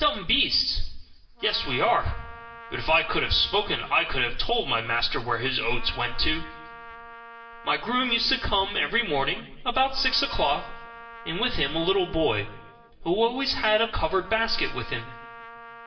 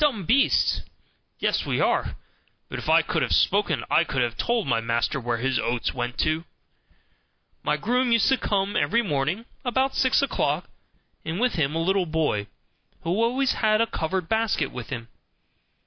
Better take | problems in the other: second | background sound (Trumpet); 19 dB below the speech // room echo; dies away in 0.8 s

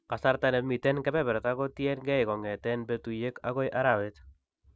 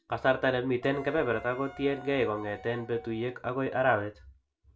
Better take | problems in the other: first | background sound (Wind instrument, woodwind instrument); 19 dB below the speech // room echo; dies away in 0.2 s

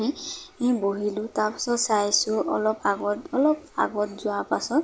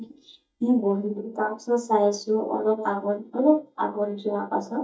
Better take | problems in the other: first | noise reduction (neural mask model DeepFilterNet 3)

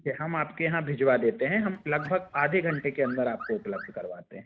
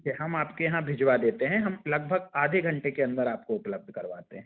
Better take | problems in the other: second | background sound (Alarm / Car); 15 dB below the speech

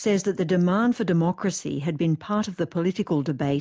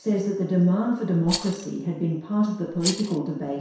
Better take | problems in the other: first | background sound (Rattle); 11 dB below the speech // room echo; dies away in 0.7 s

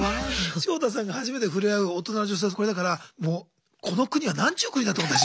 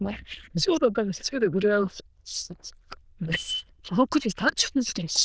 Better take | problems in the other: first | noise reduction (neural diffusion model UNIVERSE++)

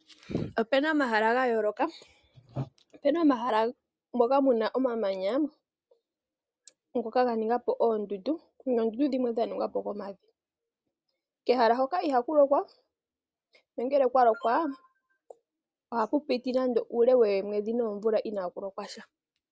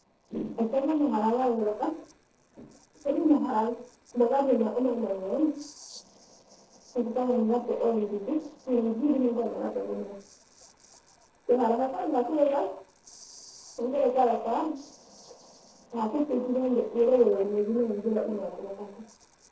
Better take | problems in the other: first | noise reduction (neural separator model SepFormer DNS4)

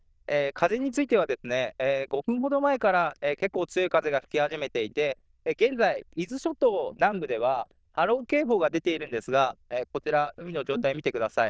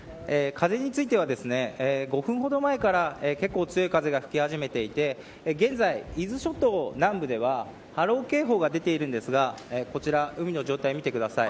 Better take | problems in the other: second | noise reduction (neural diffusion model UNIVERSE++)

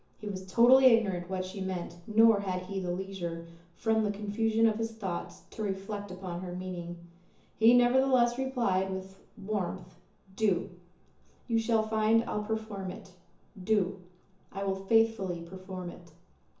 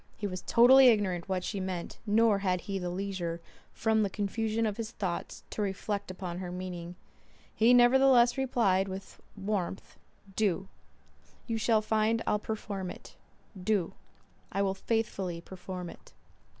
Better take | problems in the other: second | room echo; dies away in 0.7 s

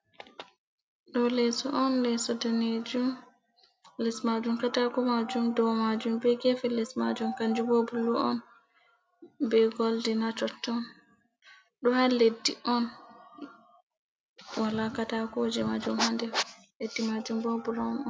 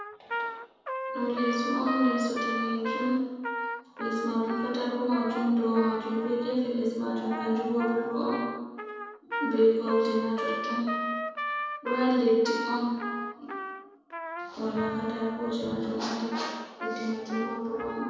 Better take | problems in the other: first | background sound (Trumpet); 7 dB below the speech // room echo; dies away in 1.2 s

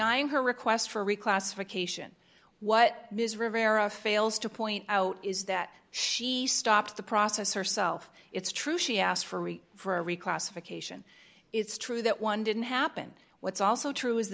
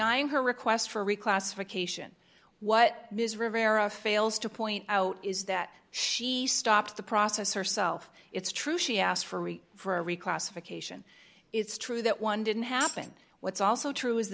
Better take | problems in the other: first | background sound (Tambourine); 11 dB below the speech

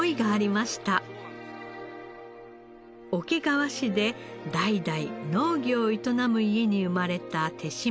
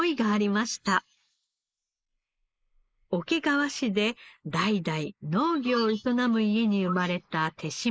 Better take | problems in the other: first | noise reduction (neural mask model Resemble Enhance denoiser)

